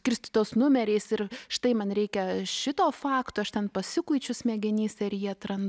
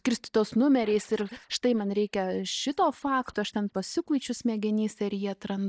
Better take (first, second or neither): first